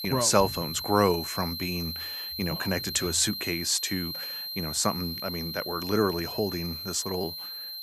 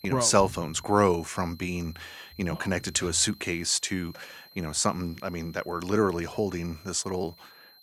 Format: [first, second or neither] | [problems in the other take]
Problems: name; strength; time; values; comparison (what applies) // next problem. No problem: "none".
second | high-pitched whine; loud; throughout; 4 kHz, 5 dB below the speech; faint in the second